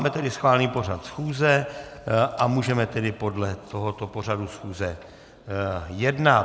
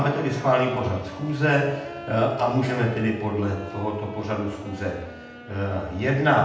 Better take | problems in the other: first | background sound (Wind instrument, woodwind instrument); 16 dB below the speech // room echo; dies away in 0.8 s

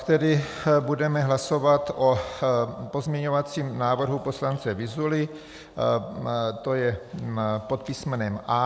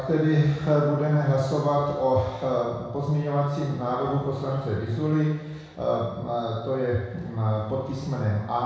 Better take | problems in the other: first | room echo; dies away in 1.1 s

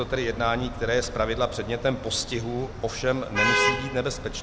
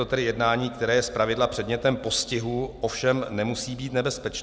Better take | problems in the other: second | background sound (Traffic noise, roadway noise / Vehicle horn, car horn, honking); 3 dB below the speech

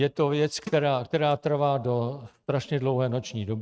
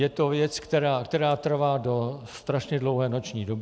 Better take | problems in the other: second | noise reduction (neural mask model RNNoise)

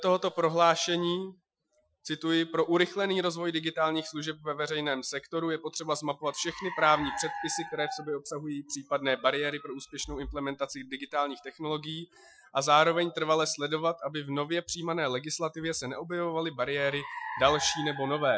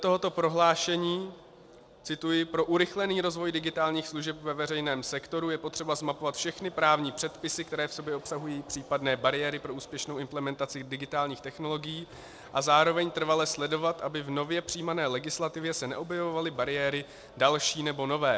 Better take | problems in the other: second | noise reduction (classical method Wiener filter)

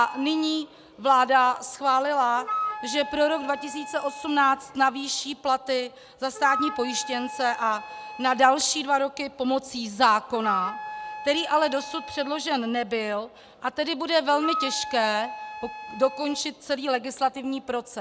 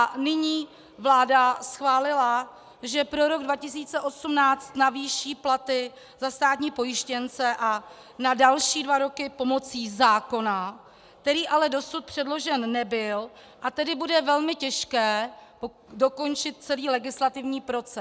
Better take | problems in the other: second | background sound (Wind instrument, woodwind instrument); 11 dB below the speech

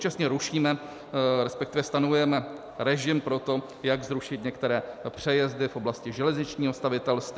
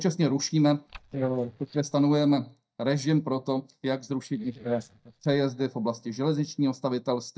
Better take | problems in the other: first | noise reduction (neural mask model DeepFilterNet 3)

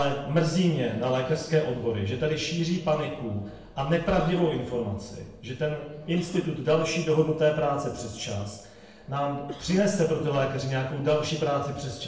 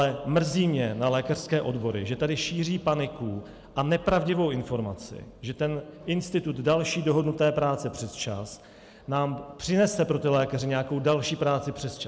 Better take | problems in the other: second | background sound (Cough); 17 dB below the speech // room echo; dies away in 0.6 s

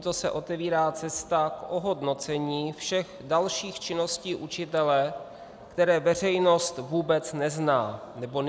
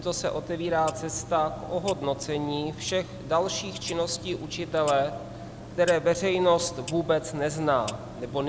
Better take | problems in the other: first | background sound (Clock); 13 dB below the speech

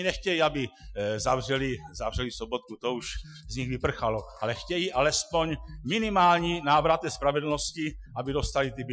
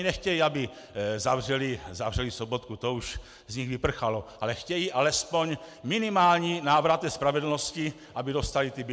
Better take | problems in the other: second | noise reduction (classical method Wiener filter)

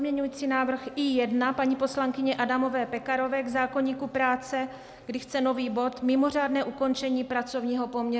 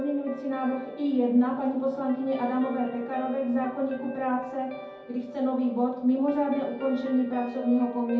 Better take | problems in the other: first | background sound (Guitar); 15 dB below the speech // room echo; dies away in 0.6 s

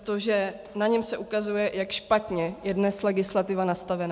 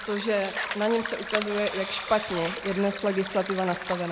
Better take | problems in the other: first | background sound (Camera + Stream); 7 dB below the speech

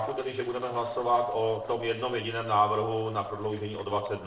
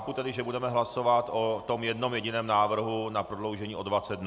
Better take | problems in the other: second | noise reduction (neural separator model SepFormer DNS4)

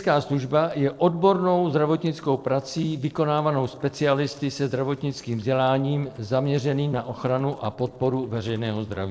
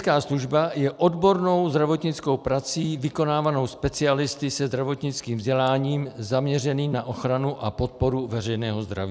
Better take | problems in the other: second | noise reduction (neural separator model SepFormer DNS4)

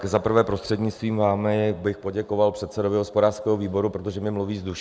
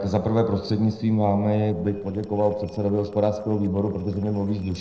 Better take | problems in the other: first | noise reduction (neural separator model SepFormer DNS4)

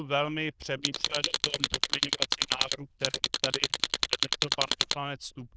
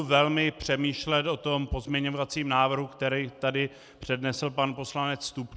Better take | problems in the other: second | noise reduction (neural diffusion model UNIVERSE++)

